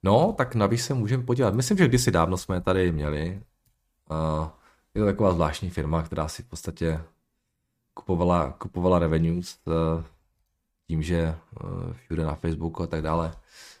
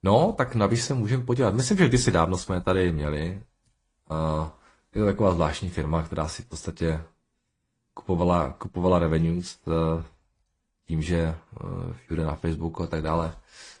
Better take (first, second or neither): first